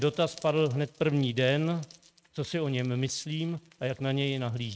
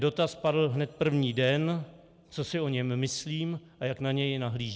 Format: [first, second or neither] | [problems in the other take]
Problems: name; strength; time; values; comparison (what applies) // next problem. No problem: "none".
second | noise reduction (neural mask model RNNoise)